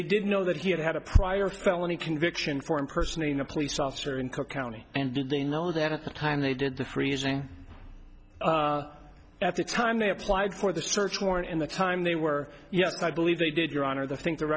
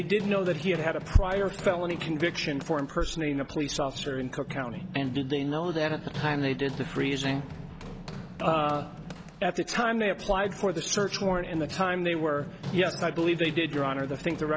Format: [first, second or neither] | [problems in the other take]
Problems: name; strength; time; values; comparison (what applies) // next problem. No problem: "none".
first | background sound (Run); 12 dB below the speech